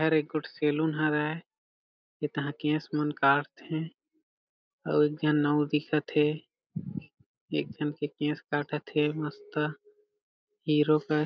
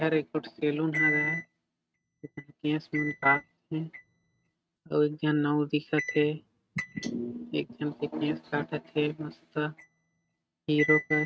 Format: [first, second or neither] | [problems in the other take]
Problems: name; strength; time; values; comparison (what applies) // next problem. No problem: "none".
first | noise reduction (neural mask model RNNoise)